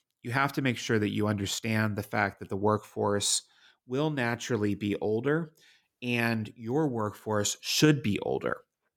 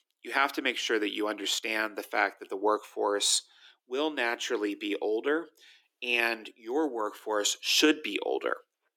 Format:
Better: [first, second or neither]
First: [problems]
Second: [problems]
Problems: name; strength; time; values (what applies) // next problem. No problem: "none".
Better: first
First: none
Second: thin; somewhat; fading below 300 Hz